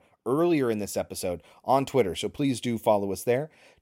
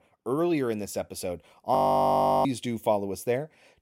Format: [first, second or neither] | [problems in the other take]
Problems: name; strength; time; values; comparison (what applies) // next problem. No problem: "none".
first | audio freezing; at 2 s for 0.5 s